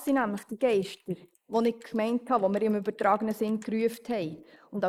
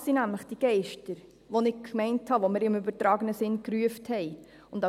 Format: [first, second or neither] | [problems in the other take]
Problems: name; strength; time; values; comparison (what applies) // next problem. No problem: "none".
second | noise reduction (neural mask model Resemble Enhance denoiser)